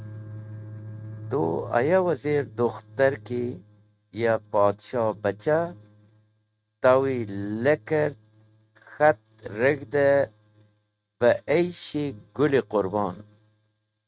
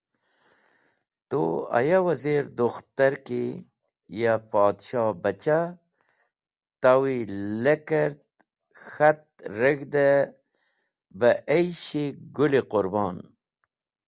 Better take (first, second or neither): second